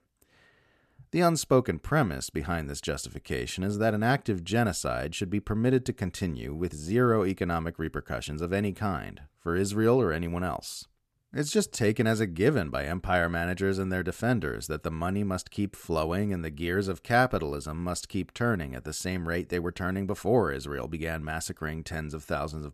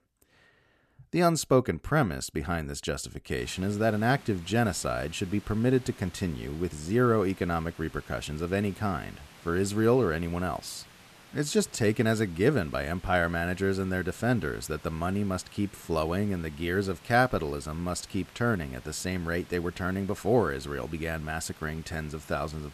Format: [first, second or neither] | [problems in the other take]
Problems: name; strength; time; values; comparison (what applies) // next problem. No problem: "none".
first | hiss; faint; from 3.5 s on; 20 dB below the speech